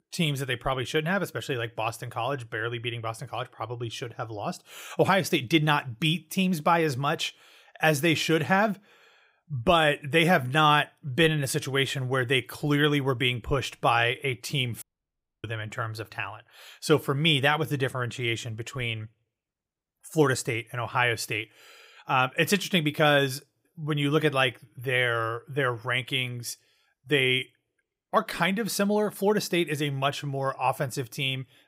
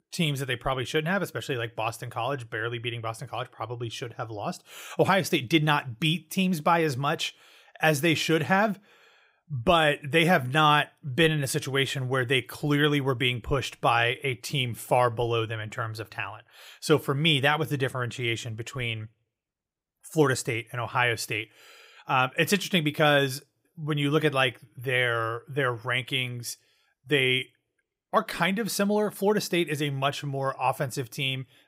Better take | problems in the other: second | audio cutting out; at 15 s for 0.5 s

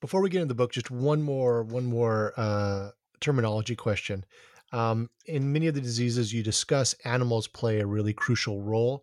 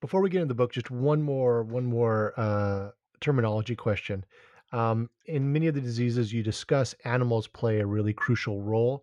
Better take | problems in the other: first | muffled; slightly; fading above 4 kHz

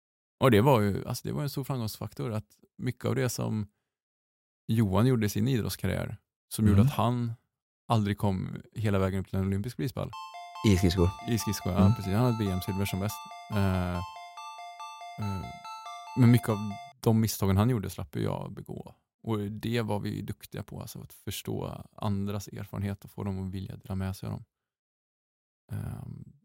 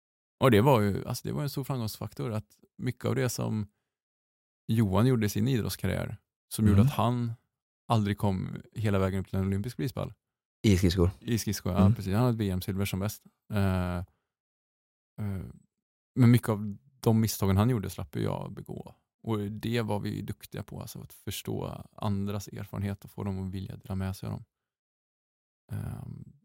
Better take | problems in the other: second | phone ringing; faint; from 10 to 17 s; peak 10 dB below the speech

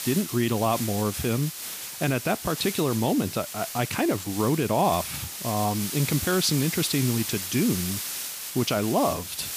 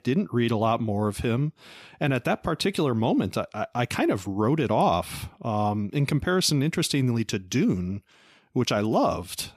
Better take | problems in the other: second | hiss; loud; throughout; 6 dB below the speech

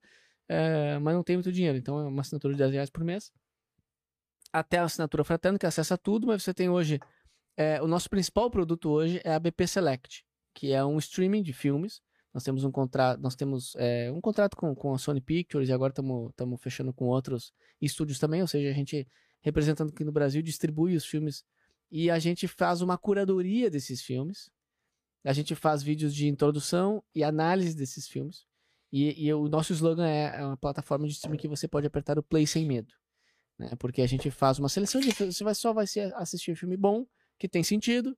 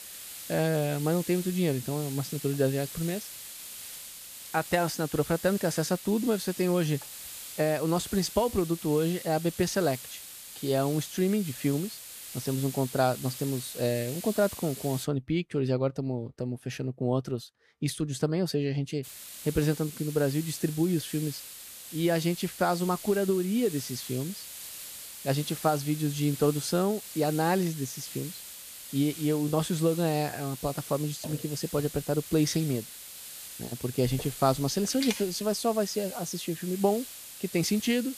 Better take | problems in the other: first | hiss; noticeable; until 15 s and from 19 s on; 10 dB below the speech

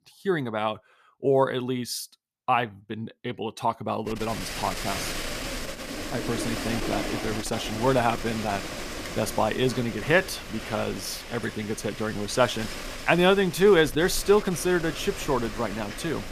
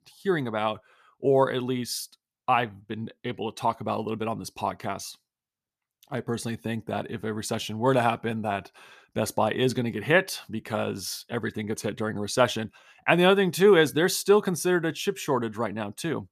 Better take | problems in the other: second | wind noise on the microphone; heavy; from 4 s on; 8 dB below the speech

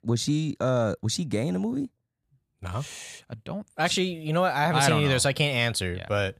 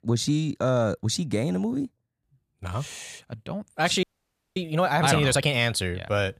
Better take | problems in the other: first | audio freezing; at 4 s for 0.5 s

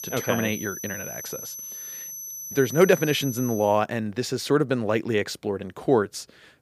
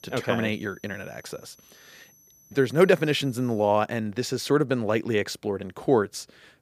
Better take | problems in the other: second | high-pitched whine; loud; until 3.5 s; 6 kHz, 9 dB below the speech; faint in the second

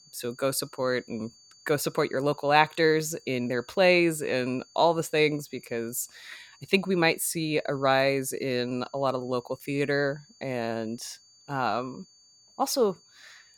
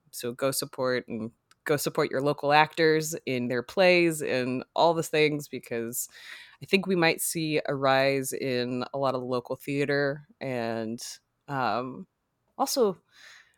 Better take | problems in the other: second | high-pitched whine; faint; throughout; 4.5 kHz, 30 dB below the speech

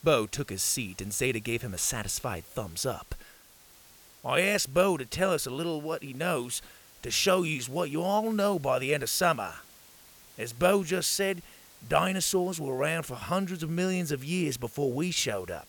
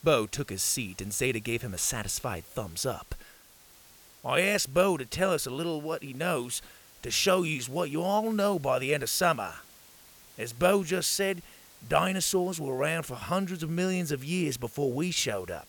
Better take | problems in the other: neither | hiss; faint; throughout; 25 dB below the speech; the same in both

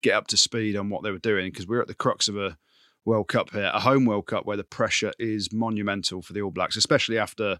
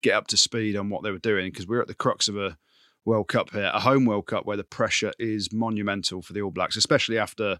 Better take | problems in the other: neither | none

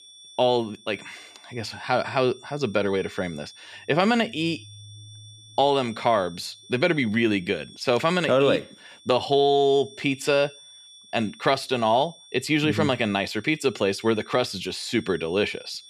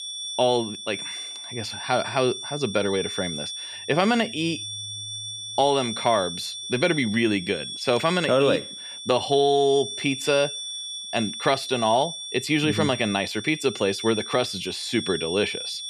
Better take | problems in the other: first | high-pitched whine; loud; throughout; 3.5 kHz, 8 dB below the speech; faint in the first

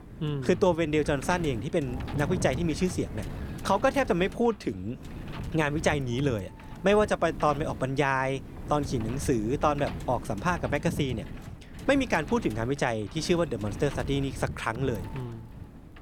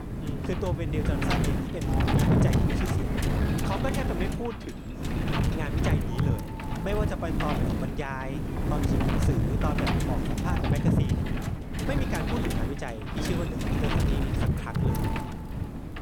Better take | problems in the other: first | wind noise on the microphone; heavy; 3 dB above the speech; occasional gusts in the first

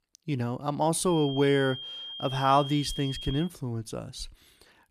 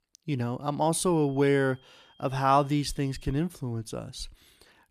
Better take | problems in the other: second | high-pitched whine; loud; from 1 to 3.5 s; 3 kHz, 9 dB below the speech; faint in the second

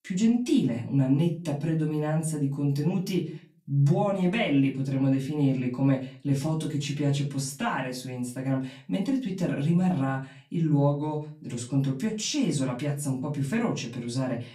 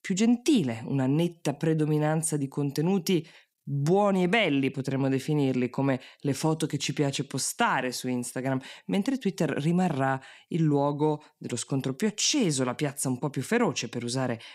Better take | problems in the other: second | off-mic speech; far // room echo; very slight; dies away in 0.4 s

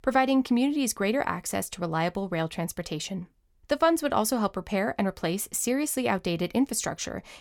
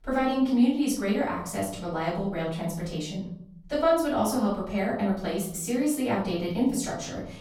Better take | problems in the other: first | room echo; noticeable; dies away in 0.8 s // off-mic speech; far

